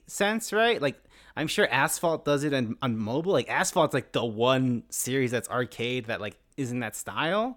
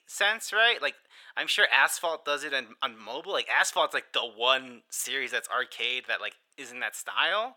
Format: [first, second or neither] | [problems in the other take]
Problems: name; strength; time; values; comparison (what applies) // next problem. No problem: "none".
first | thin; very; fading below 750 Hz